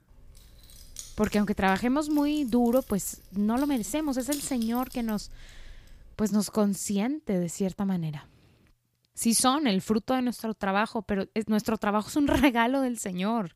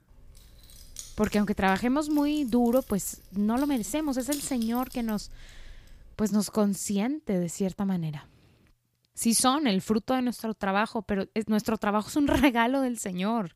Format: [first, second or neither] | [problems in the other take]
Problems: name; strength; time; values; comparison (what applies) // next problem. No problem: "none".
neither | jangling keys; noticeable; until 6 s; peak 9 dB below the speech; the same in both